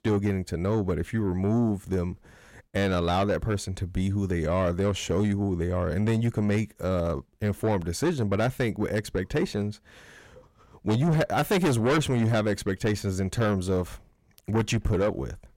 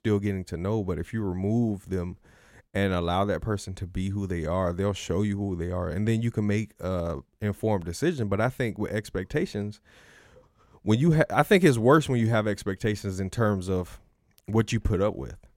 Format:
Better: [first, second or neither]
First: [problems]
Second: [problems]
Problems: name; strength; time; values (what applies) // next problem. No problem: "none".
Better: second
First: distortion; heavy; 8 dB below the speech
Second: none